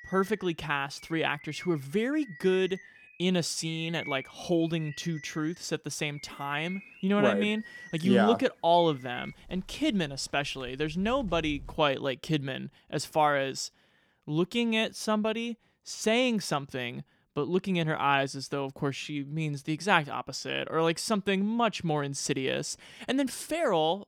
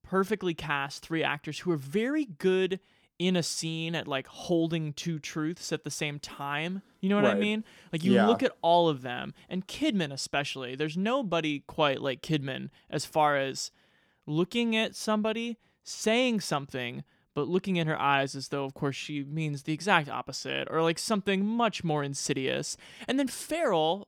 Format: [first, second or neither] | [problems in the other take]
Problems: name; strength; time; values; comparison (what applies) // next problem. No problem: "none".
second | animal sounds; noticeable; until 12 s; 20 dB below the speech